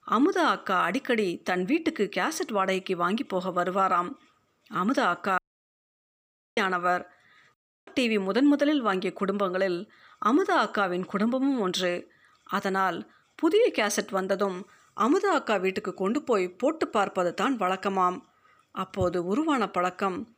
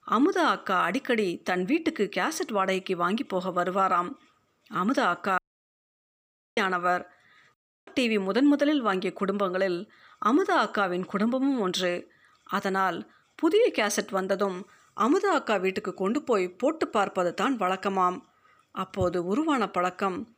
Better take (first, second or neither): neither